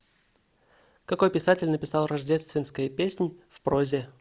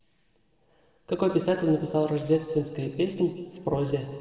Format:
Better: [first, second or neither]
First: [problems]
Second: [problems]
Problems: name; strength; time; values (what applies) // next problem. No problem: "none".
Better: first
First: none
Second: room echo; dies away in 1.6 s